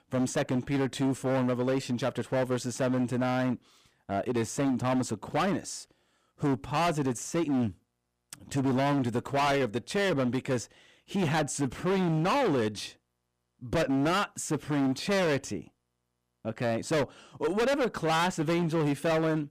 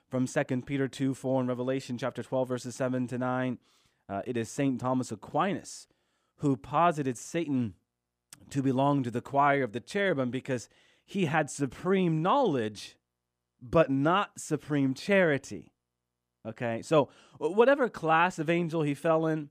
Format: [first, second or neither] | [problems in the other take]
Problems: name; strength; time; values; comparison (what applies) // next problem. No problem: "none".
second | distortion; heavy; 19% of the sound clipped